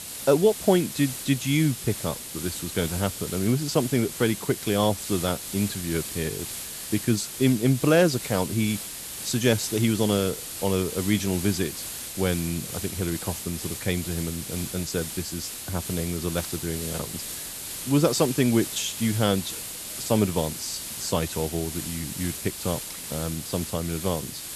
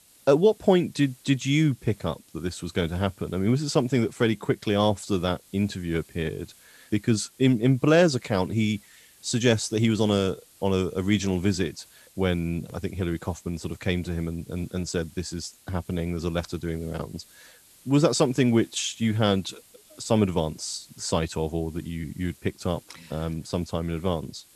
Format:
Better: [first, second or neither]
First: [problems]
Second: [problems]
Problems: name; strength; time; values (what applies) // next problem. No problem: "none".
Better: second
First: hiss; loud; throughout; 7 dB below the speech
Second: hiss; faint; throughout; 25 dB below the speech